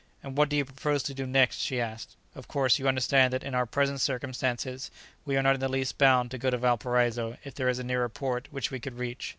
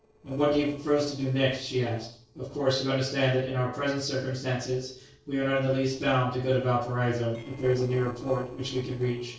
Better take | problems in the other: first | noise reduction (neural separator model SepFormer DNS4)

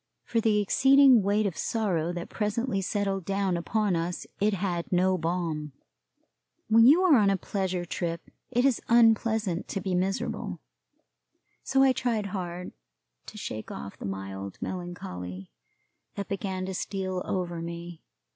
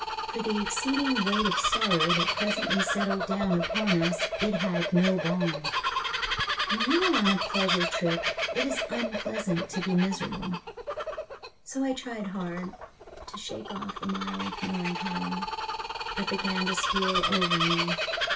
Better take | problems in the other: first | background sound (Bird vocalization, bird call, bird song); as loud as the speech // room echo; dies away in 0.2 s

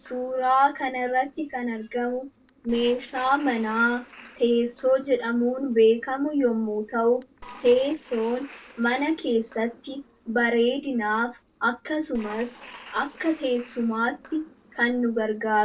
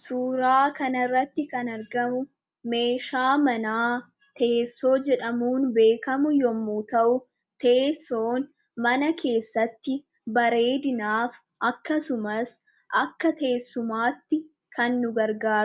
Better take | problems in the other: second | noise reduction (neural separator model SepFormer DNS4)

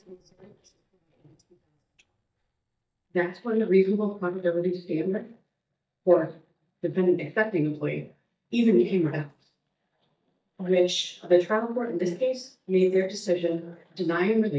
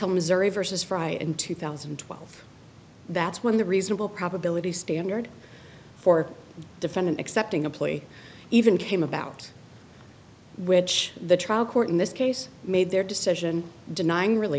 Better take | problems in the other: second | noise reduction (neural mask model DeepFilterNet 3)

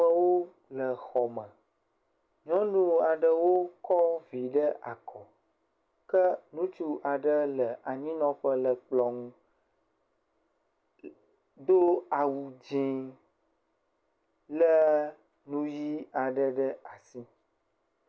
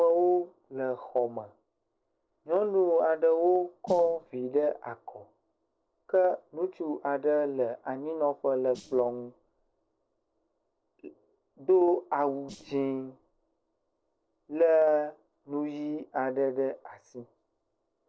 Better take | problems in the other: first | noise reduction (neural separator model SepFormer DNS4)

